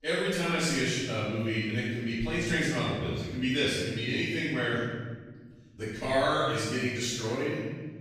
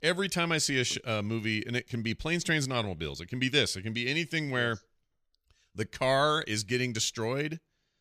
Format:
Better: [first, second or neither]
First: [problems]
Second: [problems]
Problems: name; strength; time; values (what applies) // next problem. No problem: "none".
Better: second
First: off-mic speech; far // room echo; strong; dies away in 1.3 s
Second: none